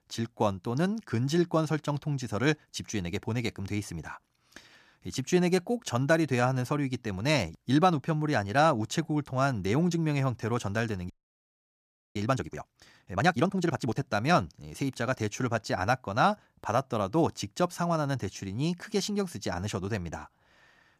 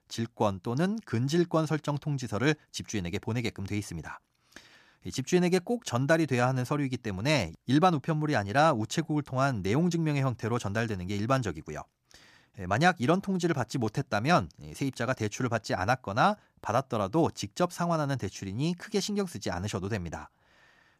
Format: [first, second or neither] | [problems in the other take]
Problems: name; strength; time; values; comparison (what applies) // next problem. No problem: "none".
second | audio freezing; at 11 s for 1 s